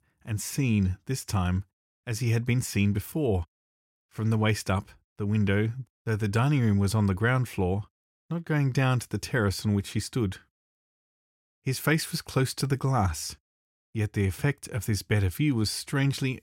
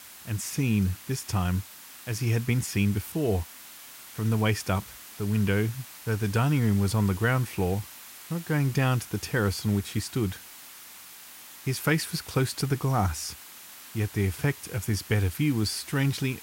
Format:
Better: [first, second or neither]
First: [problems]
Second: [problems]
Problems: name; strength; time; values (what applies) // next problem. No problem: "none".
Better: first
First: none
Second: hiss; noticeable; throughout; 15 dB below the speech